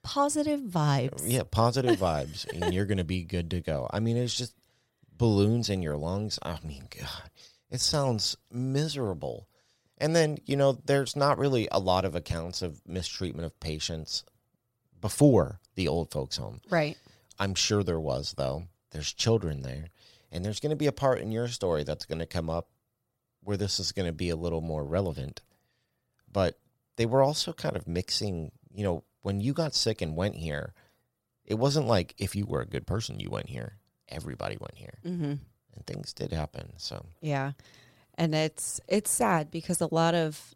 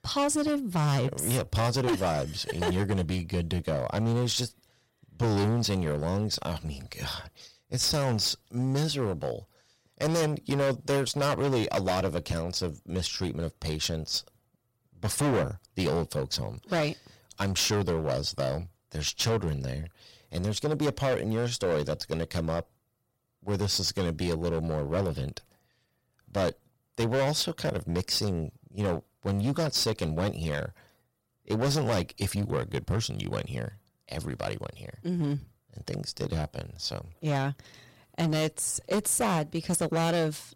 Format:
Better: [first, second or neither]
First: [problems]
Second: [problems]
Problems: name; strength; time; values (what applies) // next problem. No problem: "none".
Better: first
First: none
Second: distortion; heavy; 11% of the sound clipped